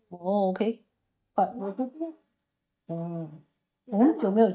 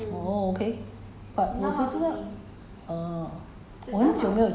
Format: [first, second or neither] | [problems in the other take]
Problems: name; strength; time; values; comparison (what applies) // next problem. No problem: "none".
second | noise reduction (neural mask model DeepFilterNet 3)